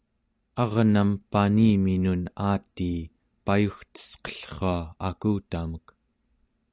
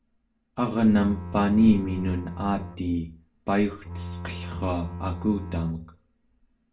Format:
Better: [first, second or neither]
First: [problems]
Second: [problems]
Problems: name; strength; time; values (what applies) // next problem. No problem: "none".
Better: first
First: none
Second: background sound (Bowed string instrument); 11 dB below the speech // room echo; dies away in 0.3 s